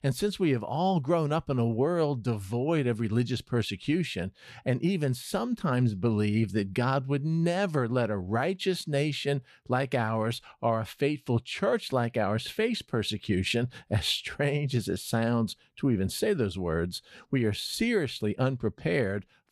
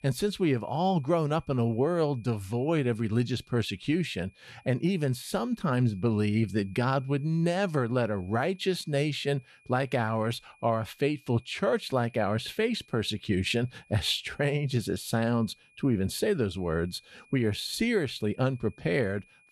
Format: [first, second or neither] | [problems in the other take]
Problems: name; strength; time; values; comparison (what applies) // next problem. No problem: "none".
first | high-pitched whine; faint; throughout; 2.5 kHz, 30 dB below the speech